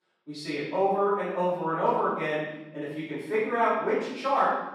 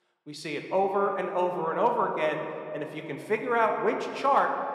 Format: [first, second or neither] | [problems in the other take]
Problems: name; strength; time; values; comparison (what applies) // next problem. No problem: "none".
second | room echo; strong; dies away in 1 s; slight in the second // off-mic speech; far